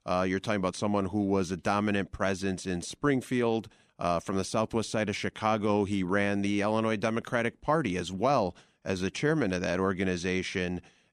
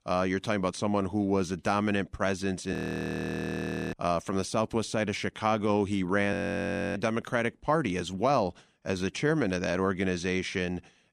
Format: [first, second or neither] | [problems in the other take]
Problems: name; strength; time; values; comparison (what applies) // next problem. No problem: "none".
first | audio freezing; at 2.5 s for 1 s and at 6.5 s for 0.5 s